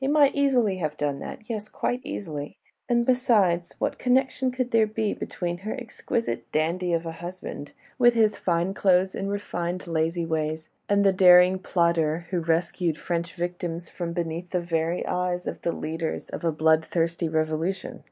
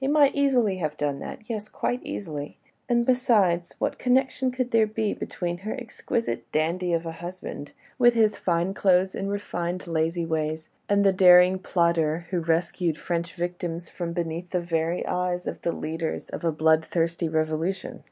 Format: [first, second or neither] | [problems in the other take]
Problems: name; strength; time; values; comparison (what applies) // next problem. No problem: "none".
second | noise reduction (neural mask model Resemble Enhance denoiser)